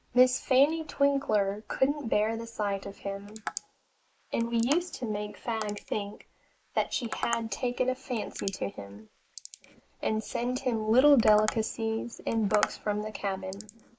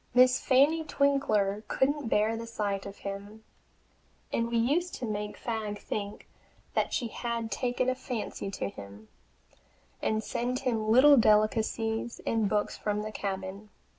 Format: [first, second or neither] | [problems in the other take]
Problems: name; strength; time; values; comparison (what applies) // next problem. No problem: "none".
second | noise reduction (neural mask model Resemble Enhance denoiser)